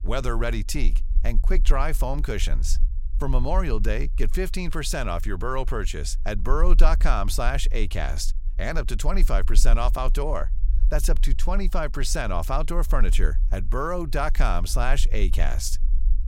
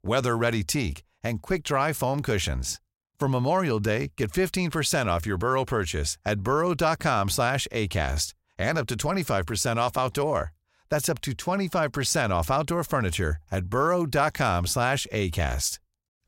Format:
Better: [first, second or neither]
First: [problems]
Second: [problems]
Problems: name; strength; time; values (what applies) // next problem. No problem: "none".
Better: second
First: low rumble; faint; throughout; 25 dB below the speech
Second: none